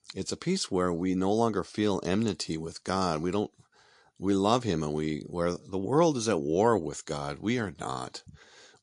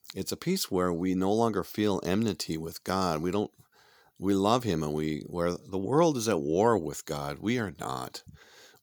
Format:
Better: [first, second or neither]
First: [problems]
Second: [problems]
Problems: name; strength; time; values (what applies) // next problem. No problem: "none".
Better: second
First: garbled, watery; slightly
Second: none